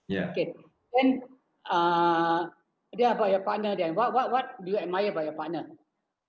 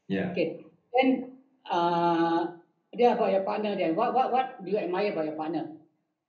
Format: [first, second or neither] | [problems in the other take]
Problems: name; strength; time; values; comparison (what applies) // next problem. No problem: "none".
first | room echo; dies away in 0.3 s